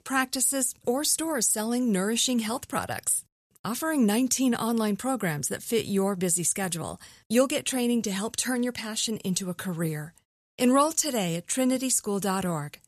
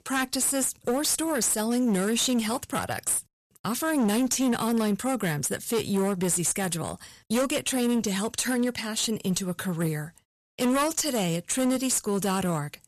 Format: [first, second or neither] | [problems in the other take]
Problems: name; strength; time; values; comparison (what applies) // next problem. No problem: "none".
first | distortion; slight; 14% of the sound clipped